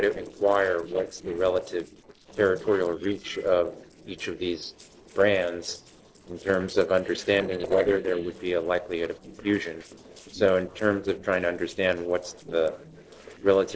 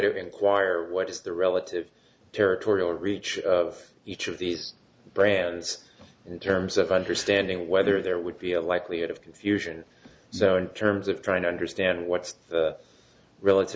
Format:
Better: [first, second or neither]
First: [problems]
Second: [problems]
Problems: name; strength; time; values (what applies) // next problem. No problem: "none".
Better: second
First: noise reduction (neural separator model SepFormer DNS4)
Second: none